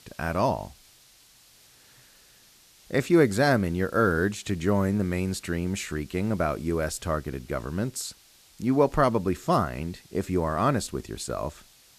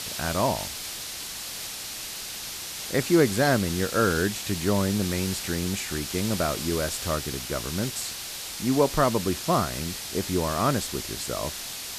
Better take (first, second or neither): first